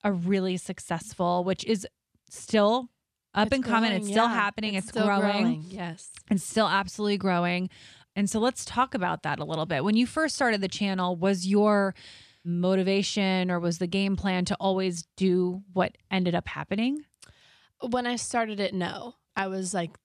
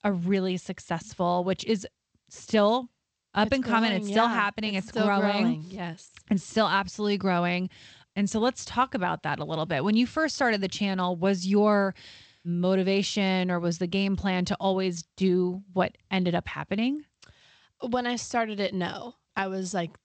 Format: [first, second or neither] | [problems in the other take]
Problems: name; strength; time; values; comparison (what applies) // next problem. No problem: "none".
first | garbled, watery; slightly; nothing above 8 kHz